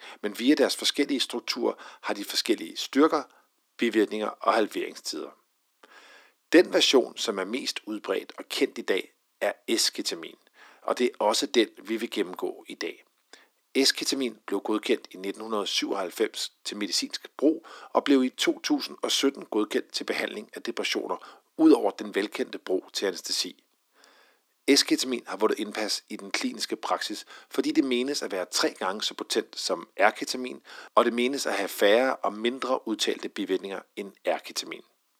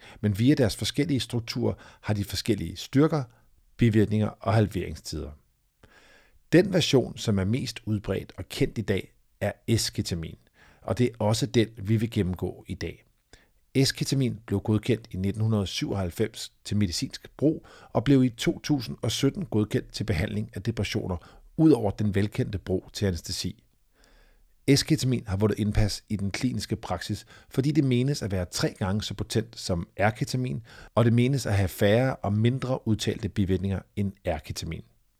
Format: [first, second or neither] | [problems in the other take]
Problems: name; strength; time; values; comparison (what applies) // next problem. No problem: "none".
second | thin; somewhat; fading below 250 Hz